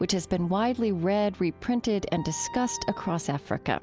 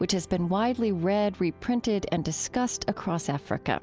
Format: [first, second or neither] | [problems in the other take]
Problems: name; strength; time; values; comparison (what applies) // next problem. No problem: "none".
second | background sound (Wind instrument, woodwind instrument); 14 dB below the speech